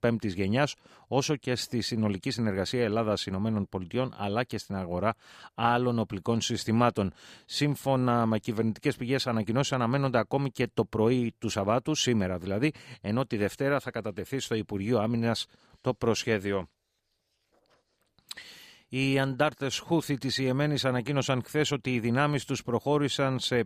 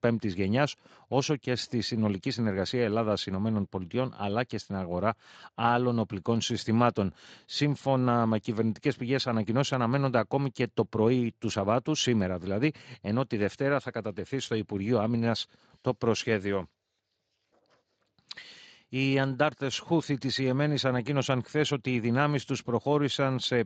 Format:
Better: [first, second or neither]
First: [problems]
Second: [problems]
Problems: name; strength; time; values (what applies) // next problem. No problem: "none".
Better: first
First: none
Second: garbled, watery; slightly; nothing above 7.5 kHz